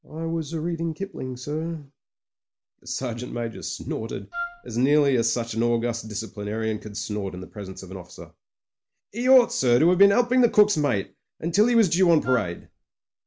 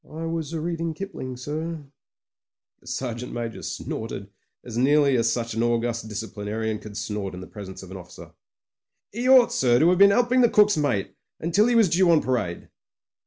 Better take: second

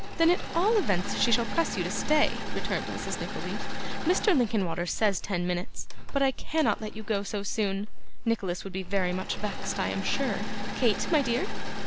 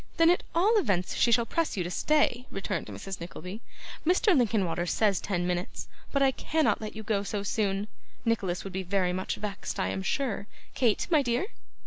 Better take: second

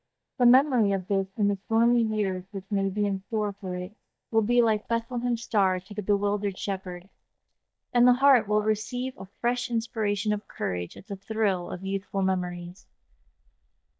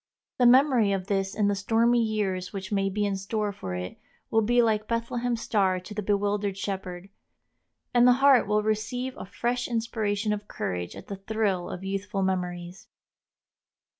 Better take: second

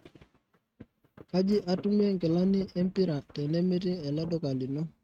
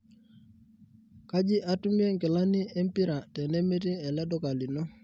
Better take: second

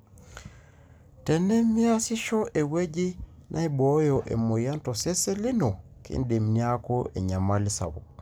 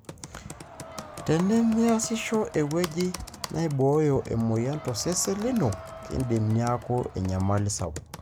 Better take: first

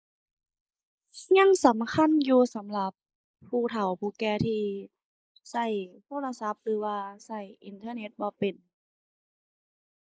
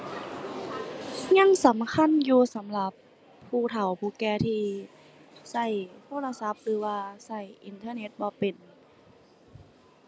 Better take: second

